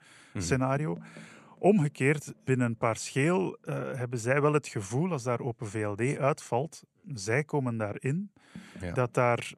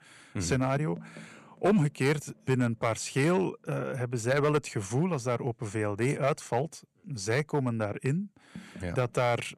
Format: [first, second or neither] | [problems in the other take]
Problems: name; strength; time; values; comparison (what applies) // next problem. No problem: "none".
first | distortion; slight; 3% of the sound clipped